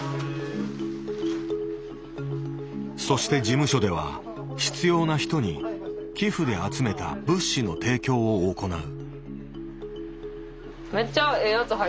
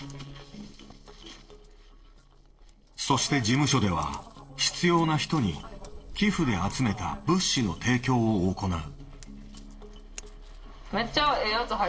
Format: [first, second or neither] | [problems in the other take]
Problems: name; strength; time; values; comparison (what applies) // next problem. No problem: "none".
first | noise reduction (neural separator model SepFormer DNS4)